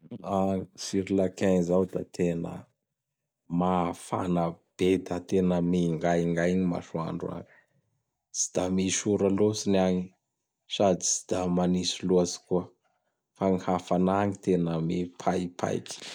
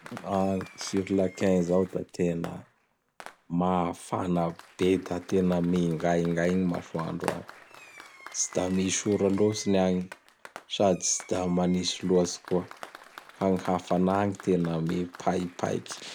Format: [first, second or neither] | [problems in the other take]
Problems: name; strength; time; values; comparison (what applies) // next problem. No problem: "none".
first | background sound (Applause + Fireworks); 19 dB below the speech